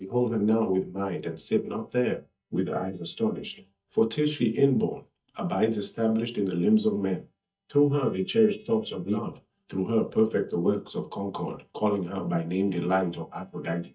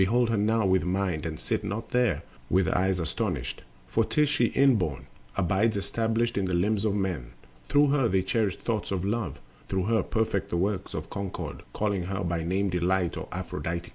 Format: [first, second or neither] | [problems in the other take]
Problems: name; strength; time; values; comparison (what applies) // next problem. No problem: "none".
second | noise reduction (neural mask model DeepFilterNet 3)